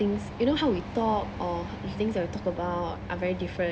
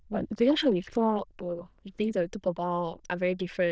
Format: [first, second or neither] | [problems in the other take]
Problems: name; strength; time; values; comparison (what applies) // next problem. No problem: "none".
first | noise reduction (neural diffusion model UNIVERSE++)